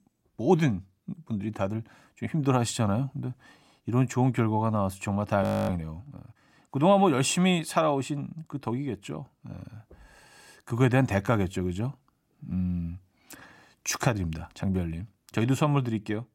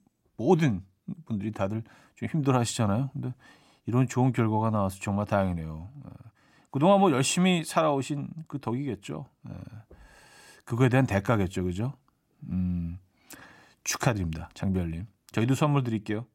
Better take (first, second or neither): second